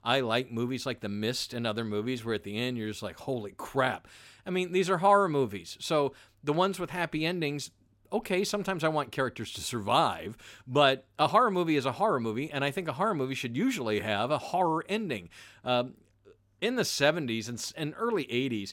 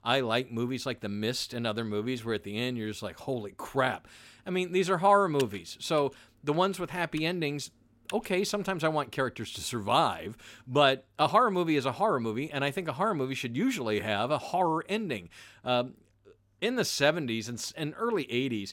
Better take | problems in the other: first | keyboard typing; faint; from 5.5 to 8.5 s; peak 10 dB below the speech

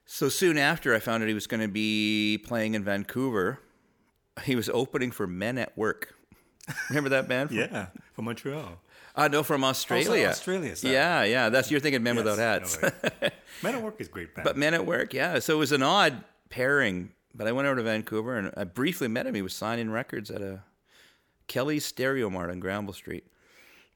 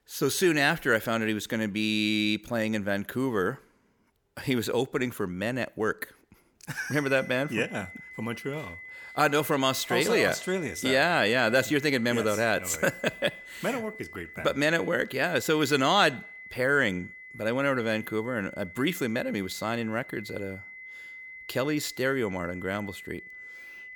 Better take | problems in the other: first | high-pitched whine; noticeable; from 7 s on; 2 kHz, 15 dB below the speech

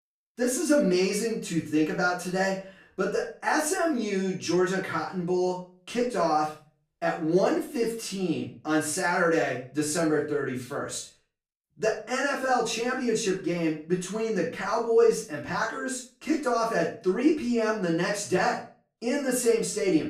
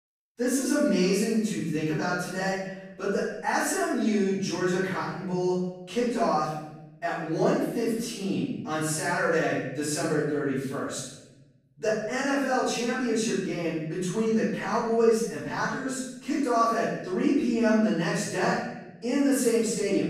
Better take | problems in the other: first | room echo; strong; dies away in 1 s; slight in the first // off-mic speech; far; far in the first

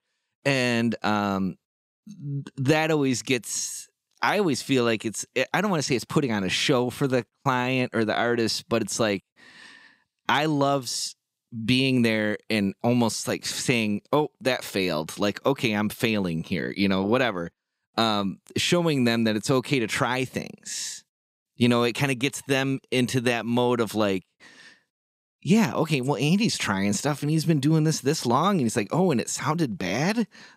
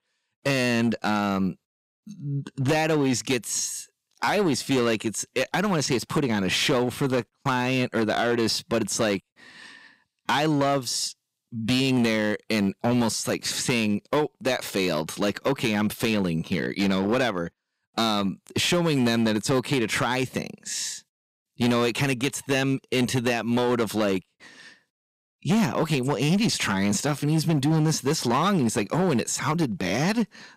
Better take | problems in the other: first | distortion; slight; 10% of the sound clipped

